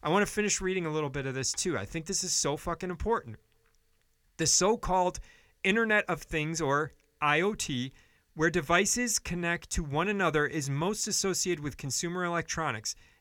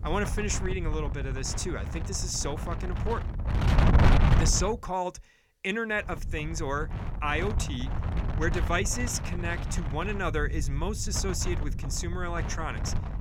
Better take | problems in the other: first | wind noise on the microphone; heavy; until 4.5 s and from 6 s on; 5 dB below the speech

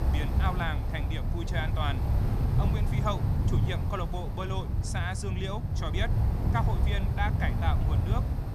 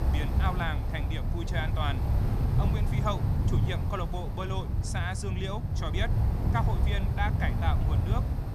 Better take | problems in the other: neither | wind noise on the microphone; heavy; 5 dB below the speech; the same in both

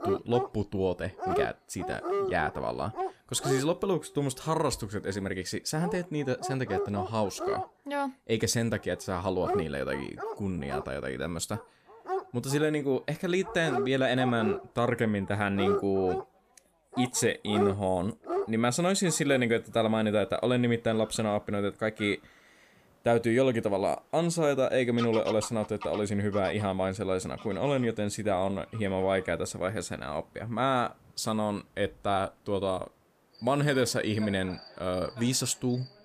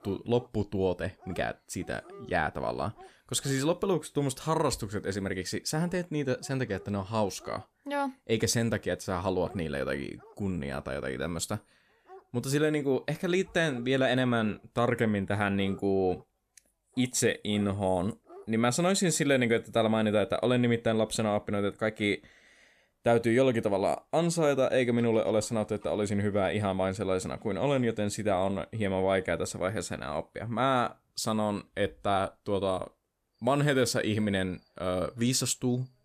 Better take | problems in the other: second | animal sounds; loud; throughout; 7 dB below the speech; faint in the second

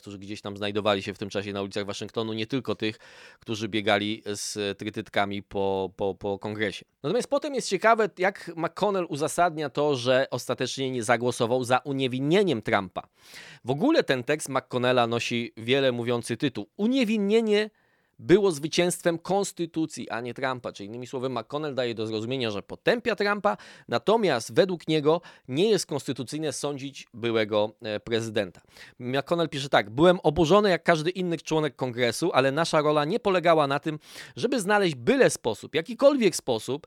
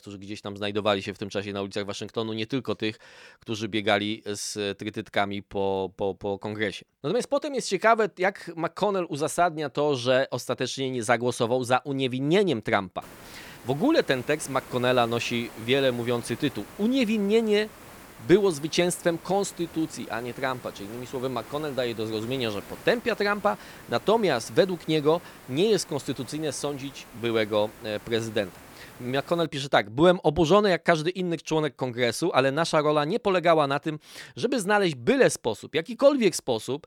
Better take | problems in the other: first | hiss; noticeable; from 13 to 29 s; 20 dB below the speech

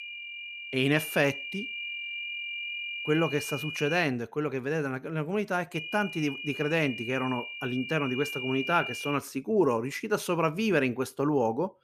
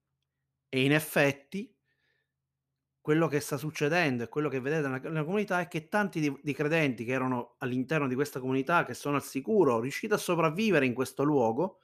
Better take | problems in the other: second | high-pitched whine; loud; until 4 s and from 6 to 9 s; 2.5 kHz, 6 dB below the speech

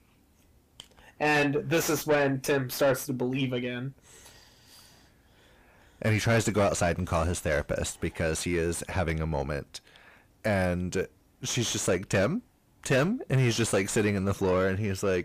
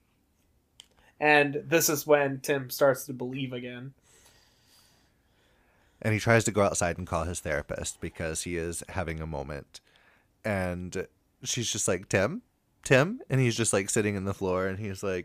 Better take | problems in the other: second | distortion; heavy; 6 dB below the speech

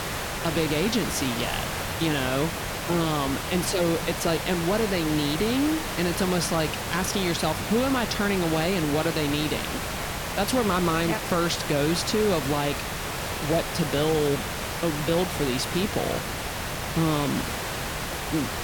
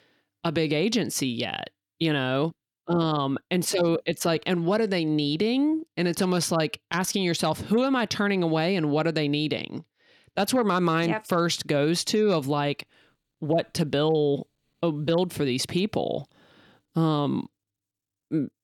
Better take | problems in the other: second | hiss; loud; throughout; 3 dB below the speech

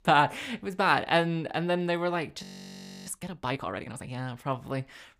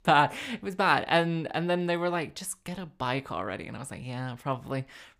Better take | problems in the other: second | audio freezing; at 2.5 s for 0.5 s

